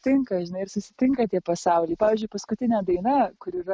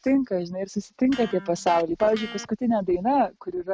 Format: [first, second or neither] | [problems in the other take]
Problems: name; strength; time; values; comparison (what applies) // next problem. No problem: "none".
first | background sound (Electric guitar); 18 dB below the speech